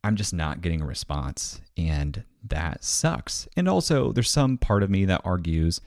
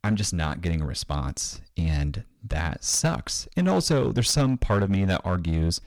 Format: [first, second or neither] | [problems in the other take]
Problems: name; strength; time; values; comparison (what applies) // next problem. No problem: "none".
first | distortion; slight; 5% of the sound clipped